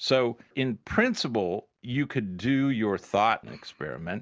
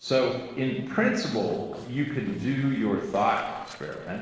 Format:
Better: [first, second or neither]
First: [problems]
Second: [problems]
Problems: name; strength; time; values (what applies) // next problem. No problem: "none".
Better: first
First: none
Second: noise reduction (neural separator model SepFormer DNS4)